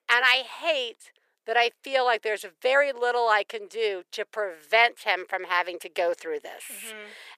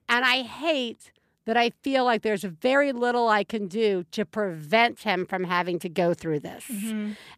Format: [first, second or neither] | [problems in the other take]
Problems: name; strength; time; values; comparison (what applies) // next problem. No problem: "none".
second | thin; very; fading below 500 Hz